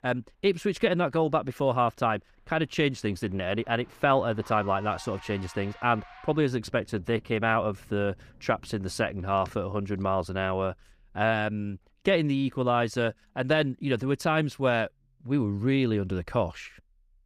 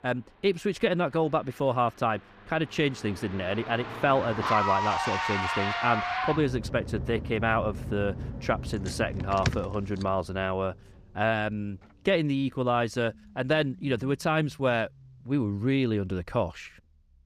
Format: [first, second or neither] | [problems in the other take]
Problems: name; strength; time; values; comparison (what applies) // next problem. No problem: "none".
first | traffic noise; loud; throughout; 4 dB below the speech; faint in the first